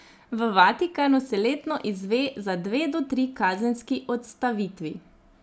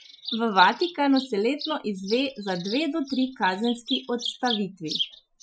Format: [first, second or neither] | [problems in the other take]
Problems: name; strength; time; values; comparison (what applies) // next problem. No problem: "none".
first | noise reduction (classical method Wiener filter)